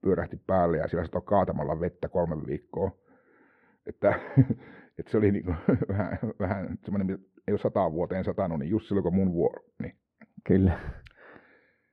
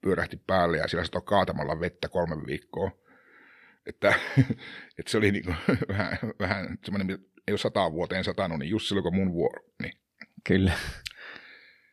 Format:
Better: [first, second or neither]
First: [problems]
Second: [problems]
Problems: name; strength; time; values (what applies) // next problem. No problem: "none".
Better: second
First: muffled; very; fading above 2 kHz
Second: none